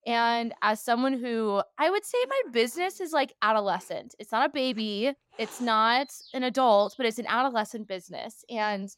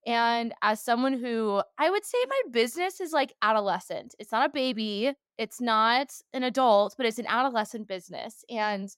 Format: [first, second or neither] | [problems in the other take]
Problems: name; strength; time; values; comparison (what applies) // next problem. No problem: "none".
second | animal sounds; faint; throughout; 25 dB below the speech